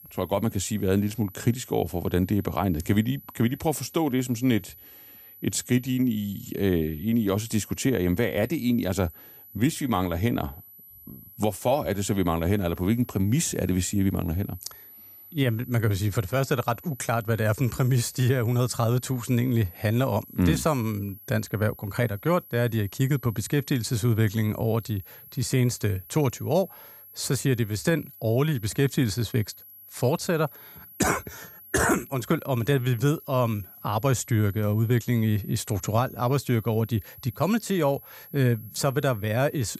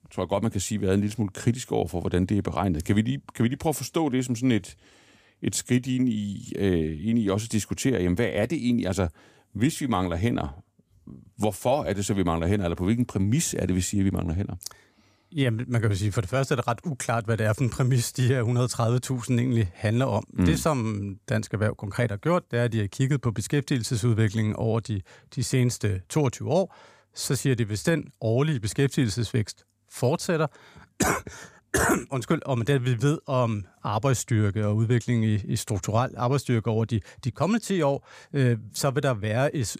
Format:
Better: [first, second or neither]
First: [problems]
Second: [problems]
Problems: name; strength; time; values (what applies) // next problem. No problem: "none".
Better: second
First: high-pitched whine; noticeable; throughout; 11.5 kHz, 20 dB below the speech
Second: none